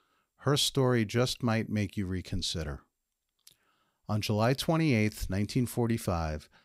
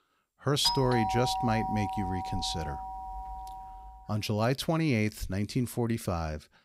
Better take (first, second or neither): first